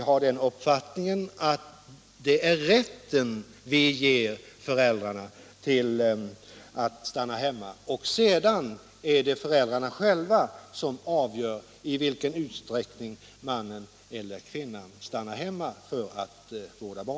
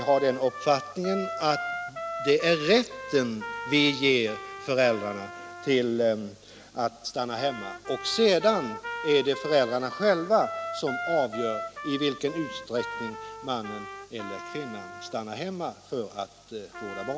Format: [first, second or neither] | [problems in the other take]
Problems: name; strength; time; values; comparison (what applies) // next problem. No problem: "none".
first | background sound (Trumpet); 11 dB below the speech